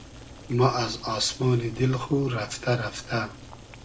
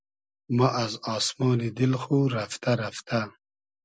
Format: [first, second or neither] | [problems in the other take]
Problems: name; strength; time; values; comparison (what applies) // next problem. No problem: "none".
second | background sound (Boiling); 17 dB below the speech // room echo; dies away in 0.3 s